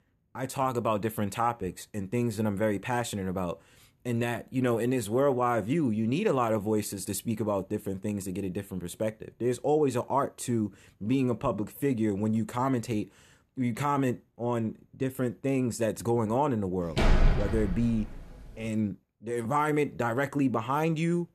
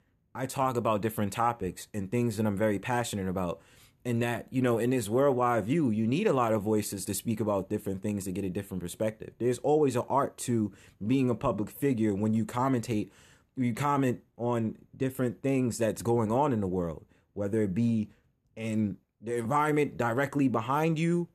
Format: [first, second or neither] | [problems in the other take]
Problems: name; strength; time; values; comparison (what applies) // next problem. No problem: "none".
second | door banging; loud; from 17 to 18 s; peak 4 dB above the speech